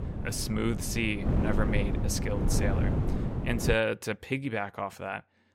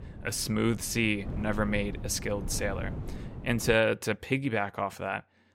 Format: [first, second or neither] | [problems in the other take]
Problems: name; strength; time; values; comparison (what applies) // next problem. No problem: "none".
second | wind noise on the microphone; heavy; until 3.5 s; 6 dB below the speech; occasional gusts in the second